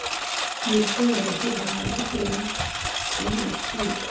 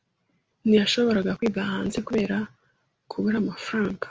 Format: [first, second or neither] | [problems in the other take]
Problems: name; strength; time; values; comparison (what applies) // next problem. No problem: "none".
second | background sound (Engine); as loud as the speech // room echo; dies away in 0.6 s